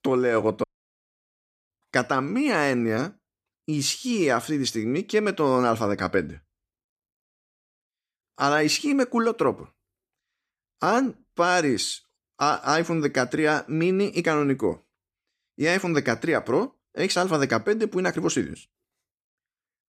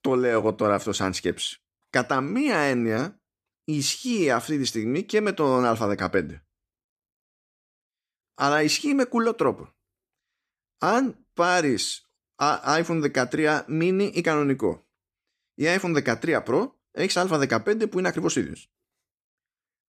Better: second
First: audio cutting out; at 0.5 s for 1 s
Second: none

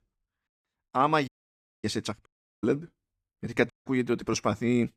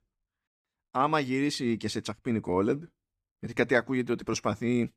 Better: second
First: audio cutting out; at 1.5 s for 0.5 s, at 2.5 s and at 3.5 s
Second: none

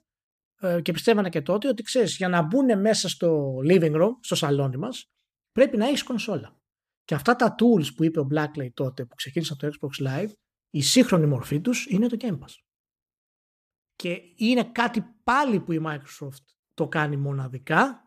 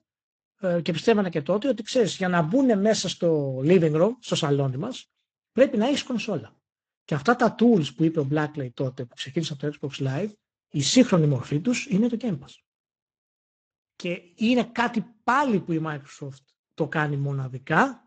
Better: first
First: none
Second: garbled, watery; slightly; nothing above 8 kHz

